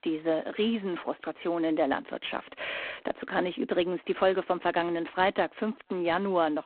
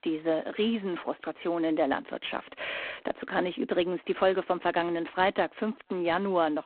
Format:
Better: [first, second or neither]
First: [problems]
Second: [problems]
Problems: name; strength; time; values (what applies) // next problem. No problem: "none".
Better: neither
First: phone-call audio; poor line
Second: phone-call audio; poor line